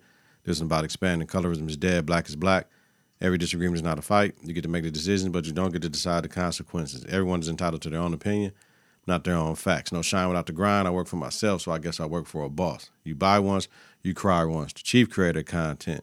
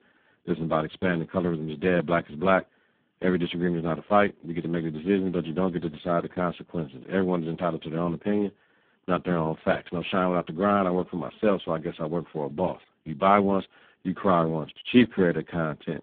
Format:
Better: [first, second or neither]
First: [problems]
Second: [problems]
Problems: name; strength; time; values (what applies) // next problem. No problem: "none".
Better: first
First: none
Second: phone-call audio; poor line